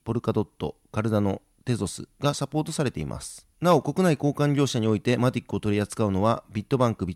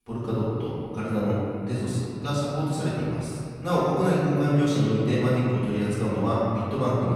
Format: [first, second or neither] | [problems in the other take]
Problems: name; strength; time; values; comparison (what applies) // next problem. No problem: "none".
first | off-mic speech; far // room echo; strong; dies away in 2.6 s